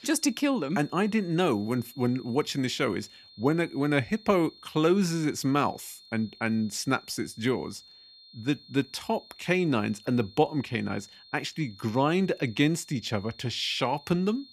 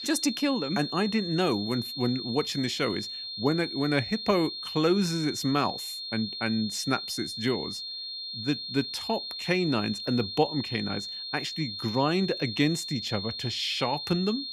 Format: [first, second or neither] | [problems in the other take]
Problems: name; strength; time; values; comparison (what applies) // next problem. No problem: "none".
first | high-pitched whine; loud; throughout; 4 kHz, 5 dB below the speech; faint in the first